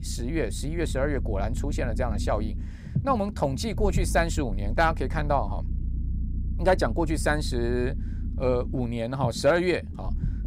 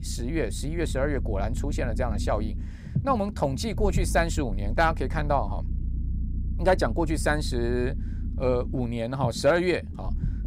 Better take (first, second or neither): neither